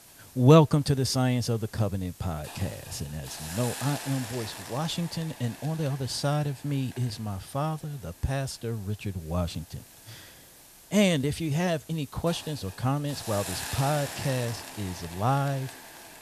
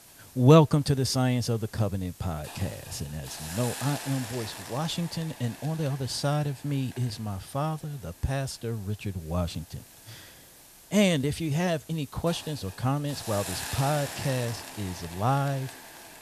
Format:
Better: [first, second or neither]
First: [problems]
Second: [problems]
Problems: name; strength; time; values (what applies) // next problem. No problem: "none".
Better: neither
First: hiss; noticeable; throughout; 15 dB below the speech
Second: hiss; noticeable; throughout; 15 dB below the speech